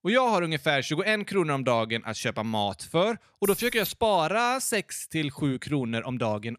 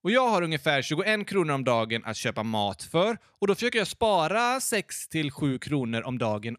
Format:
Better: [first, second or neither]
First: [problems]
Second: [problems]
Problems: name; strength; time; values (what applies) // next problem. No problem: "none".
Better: second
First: jangling keys; noticeable; at 3.5 s; peak 7 dB below the speech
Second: none